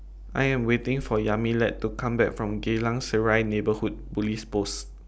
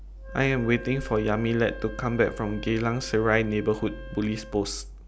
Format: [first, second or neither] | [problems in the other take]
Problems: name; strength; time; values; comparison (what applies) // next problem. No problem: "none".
first | background sound (Wind instrument, woodwind instrument); 18 dB below the speech